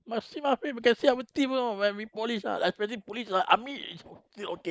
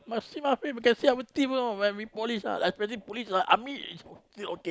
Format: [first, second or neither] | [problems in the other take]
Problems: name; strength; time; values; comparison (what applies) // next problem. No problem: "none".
second | noise reduction (neural mask model Resemble Enhance denoiser)